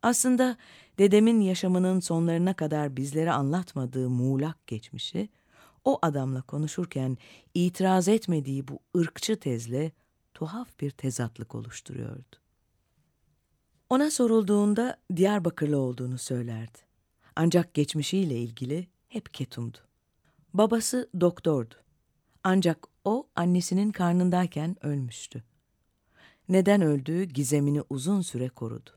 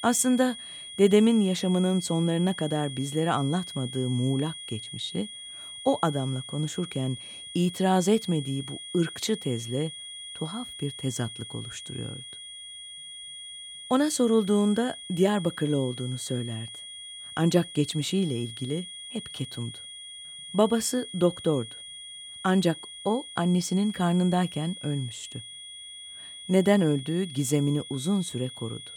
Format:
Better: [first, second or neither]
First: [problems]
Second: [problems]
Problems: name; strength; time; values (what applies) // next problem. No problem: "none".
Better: first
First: none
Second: high-pitched whine; noticeable; throughout; 3.5 kHz, 10 dB below the speech